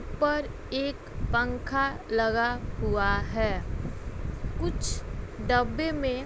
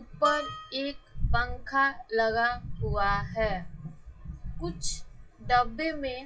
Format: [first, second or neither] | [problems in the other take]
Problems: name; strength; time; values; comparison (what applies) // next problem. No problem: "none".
first | noise reduction (classical method WPE with log-MMSE)